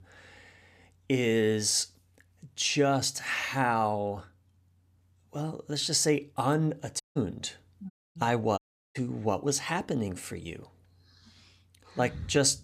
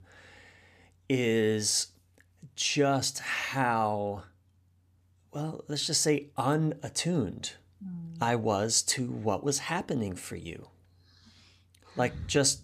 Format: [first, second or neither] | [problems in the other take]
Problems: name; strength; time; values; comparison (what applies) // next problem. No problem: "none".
second | audio cutting out; at 7 s, at 8 s and at 8.5 s